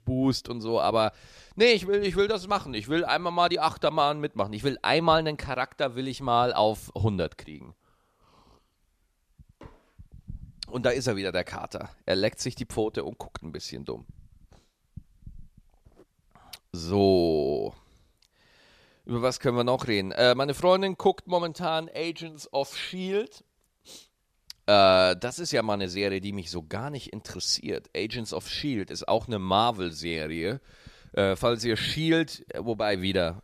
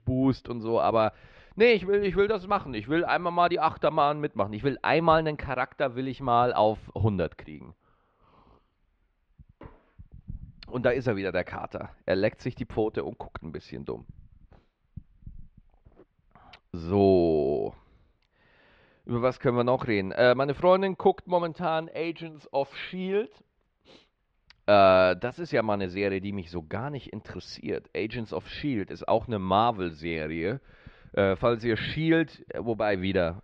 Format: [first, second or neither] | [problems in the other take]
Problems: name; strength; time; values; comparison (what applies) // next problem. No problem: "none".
first | muffled; slightly; fading above 2.5 kHz